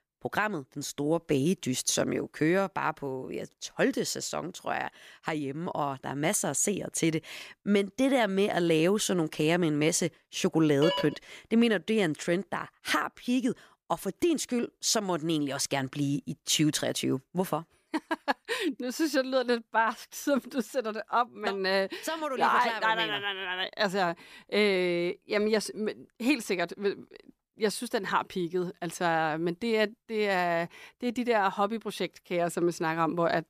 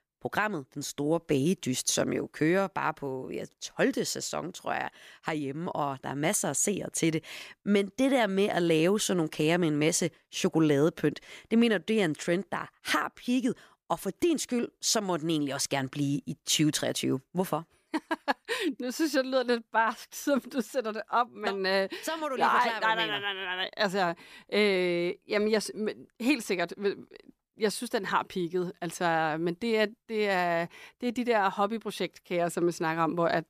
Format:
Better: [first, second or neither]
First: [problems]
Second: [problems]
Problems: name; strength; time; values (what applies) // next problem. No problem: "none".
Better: second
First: phone ringing; noticeable; at 11 s; peak 2 dB below the speech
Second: none